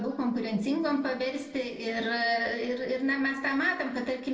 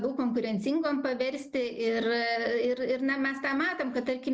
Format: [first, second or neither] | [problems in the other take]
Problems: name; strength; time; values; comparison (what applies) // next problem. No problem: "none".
second | room echo; dies away in 1.7 s